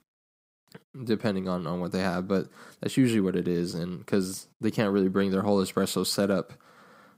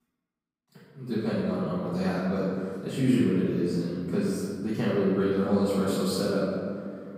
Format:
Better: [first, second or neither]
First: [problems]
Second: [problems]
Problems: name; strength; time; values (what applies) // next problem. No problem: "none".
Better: first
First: none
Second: room echo; strong; dies away in 2.1 s // off-mic speech; far